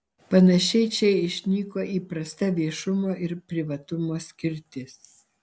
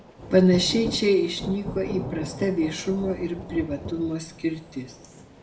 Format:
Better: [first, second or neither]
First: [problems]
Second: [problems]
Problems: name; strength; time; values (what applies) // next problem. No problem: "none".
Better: first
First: none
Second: background sound (Thunder / Rain); 11 dB below the speech // room echo; dies away in 0.6 s